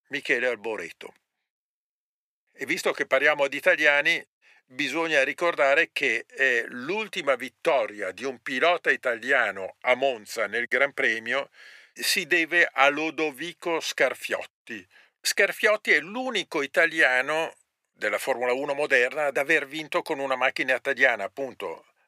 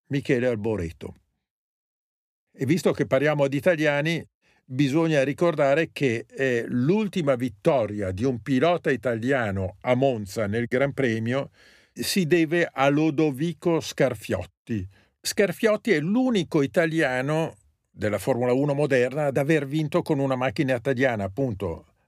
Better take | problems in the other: second | thin; very; fading below 550 Hz

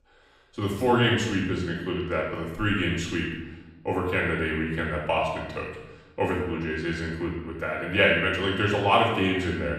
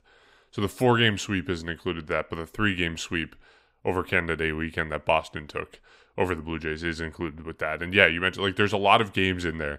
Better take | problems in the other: second | off-mic speech; far // room echo; noticeable; dies away in 0.9 s

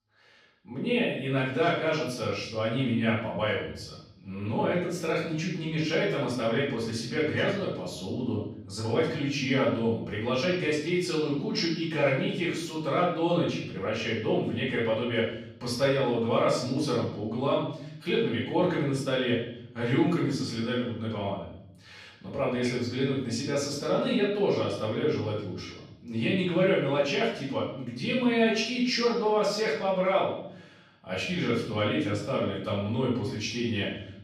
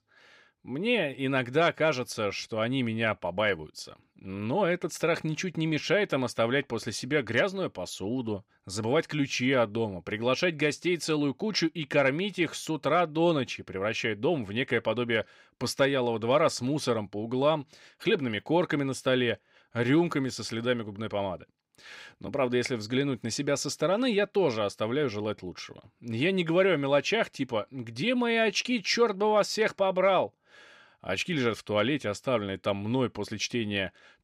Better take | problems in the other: second | off-mic speech; far // room echo; noticeable; dies away in 0.8 s

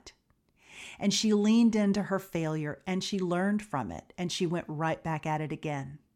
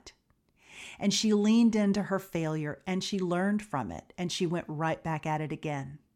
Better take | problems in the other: neither | none

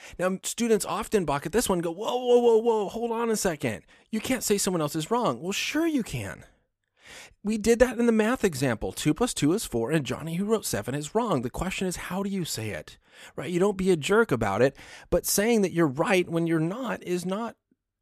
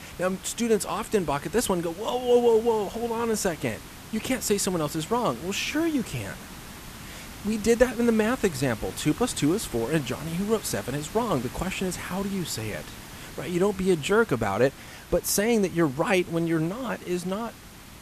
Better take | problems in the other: first | hiss; noticeable; throughout; 15 dB below the speech

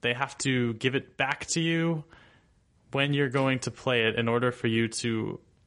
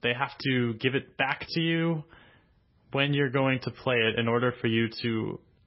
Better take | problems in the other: first | garbled, watery; badly; nothing above 5.5 kHz; slightly in the first

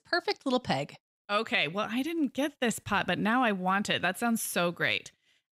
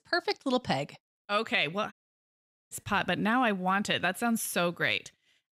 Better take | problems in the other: first | audio cutting out; at 2 s for 1 s

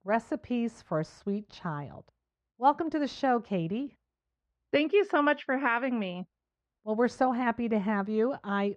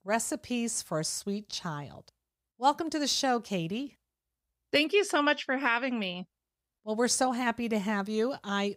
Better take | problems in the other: second | muffled; very; fading above 2 kHz

